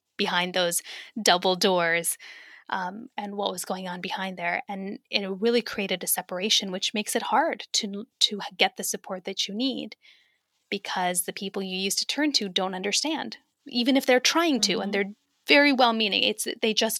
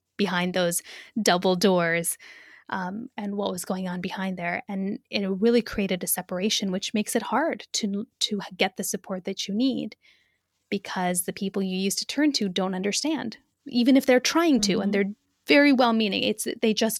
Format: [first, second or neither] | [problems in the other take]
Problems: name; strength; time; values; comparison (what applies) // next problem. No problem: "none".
second | thin; very slightly; fading below 750 Hz